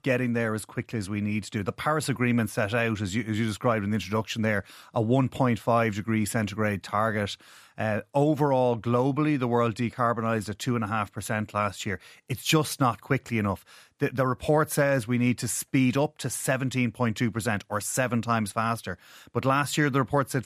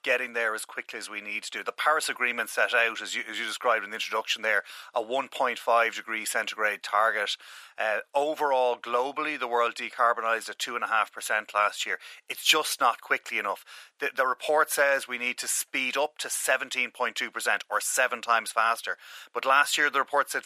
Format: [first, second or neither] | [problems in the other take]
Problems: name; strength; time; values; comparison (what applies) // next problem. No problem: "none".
first | thin; very; fading below 550 Hz